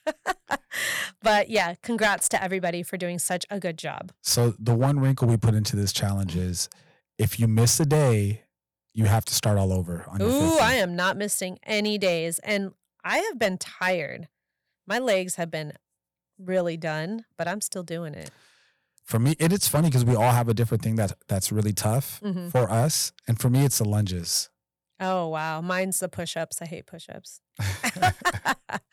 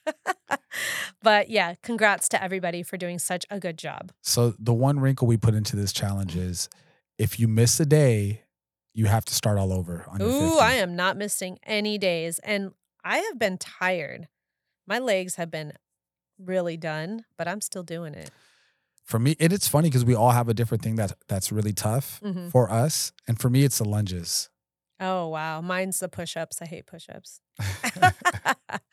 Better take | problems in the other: second | distortion; slight; 3% of the sound clipped

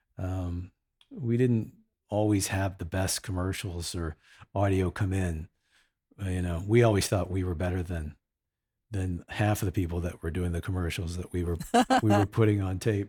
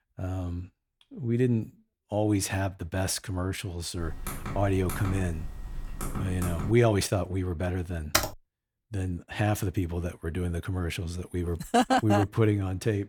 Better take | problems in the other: first | keyboard typing; noticeable; from 4 to 7 s; peak 6 dB below the speech // keyboard typing; loud; at 8 s; peak 2 dB above the speech

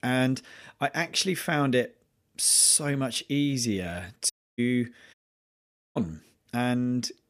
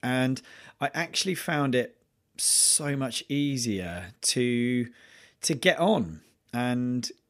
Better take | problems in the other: second | audio cutting out; at 4.5 s and at 5 s for 1 s

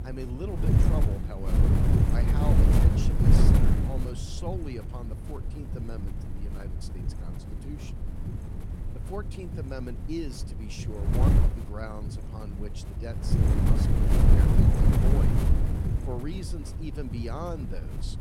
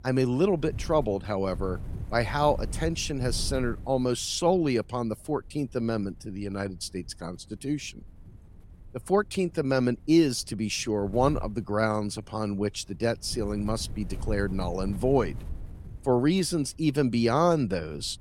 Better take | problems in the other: second | wind noise on the microphone; heavy; 4 dB above the speech; occasional gusts in the second

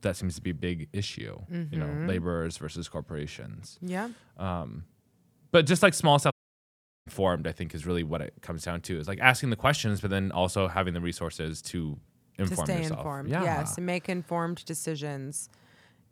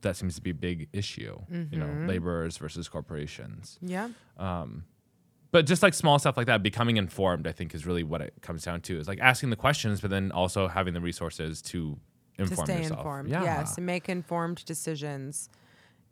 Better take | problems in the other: second | audio cutting out; at 6.5 s for 0.5 s

